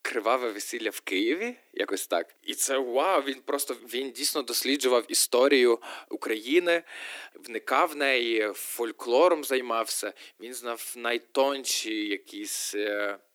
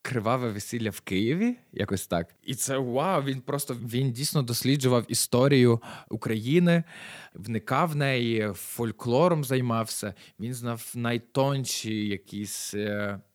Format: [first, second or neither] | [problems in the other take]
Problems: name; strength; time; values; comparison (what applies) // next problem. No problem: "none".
second | thin; somewhat; fading below 300 Hz